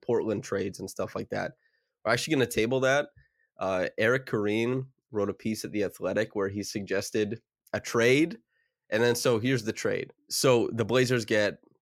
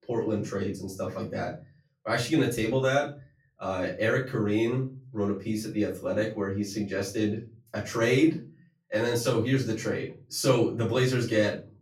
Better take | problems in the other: first | off-mic speech; far // room echo; slight; dies away in 0.3 s

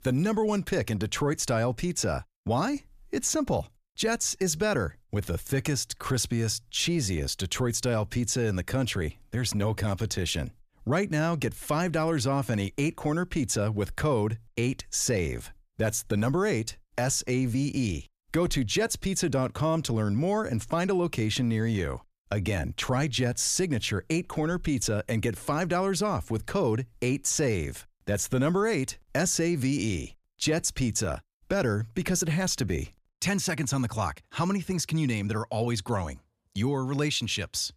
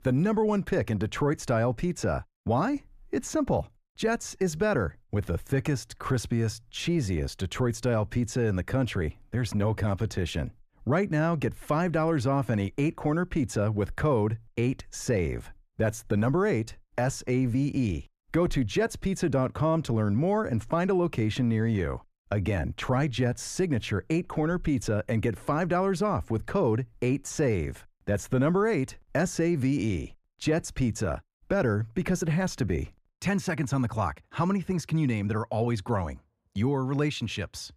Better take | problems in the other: first | muffled; slightly; fading above 3 kHz

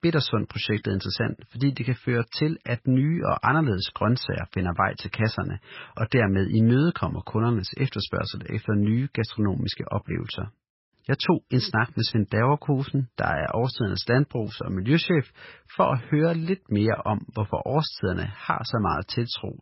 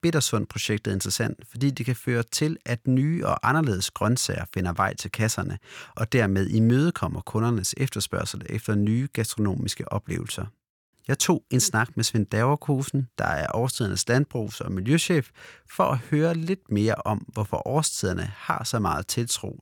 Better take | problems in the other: second | garbled, watery; badly; nothing above 5.5 kHz

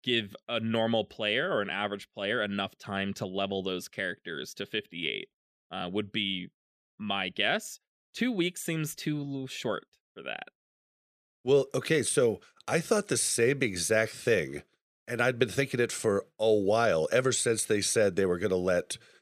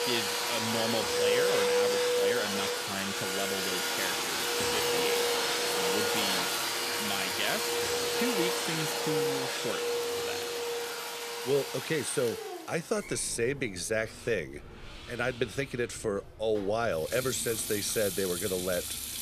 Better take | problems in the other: first | household noises; very loud; throughout; 4 dB above the speech

